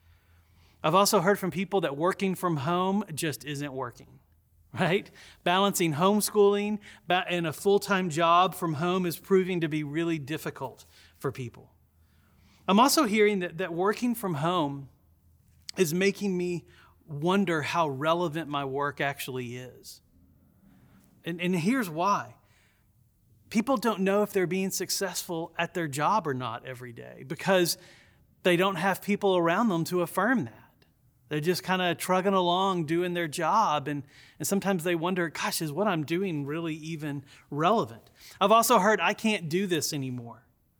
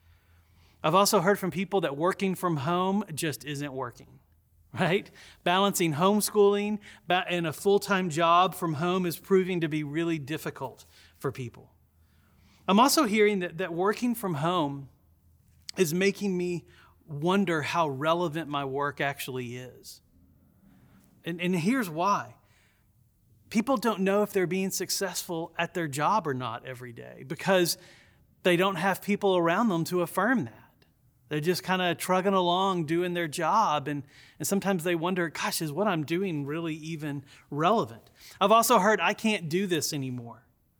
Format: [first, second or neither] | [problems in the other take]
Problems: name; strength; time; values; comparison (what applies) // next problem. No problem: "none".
neither | none